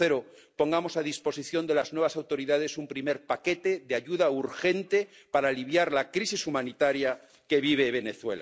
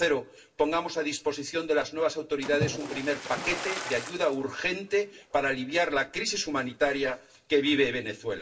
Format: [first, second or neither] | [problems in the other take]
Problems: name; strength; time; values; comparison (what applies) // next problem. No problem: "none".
first | background sound (Splash, splatter); 13 dB below the speech // room echo; dies away in 0.2 s